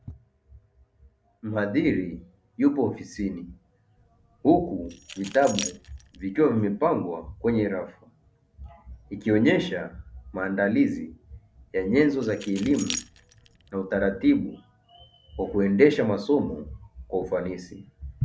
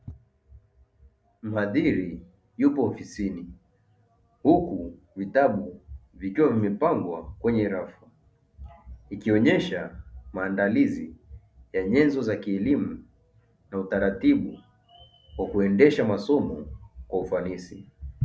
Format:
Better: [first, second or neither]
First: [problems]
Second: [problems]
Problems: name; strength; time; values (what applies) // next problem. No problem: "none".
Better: second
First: background sound (Keys jangling); 15 dB below the speech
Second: none